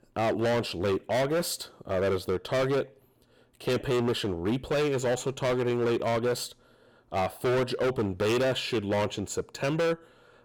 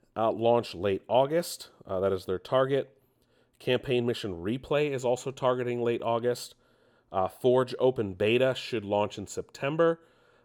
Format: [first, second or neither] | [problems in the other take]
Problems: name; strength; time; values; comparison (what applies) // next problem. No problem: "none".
second | distortion; heavy; 19% of the sound clipped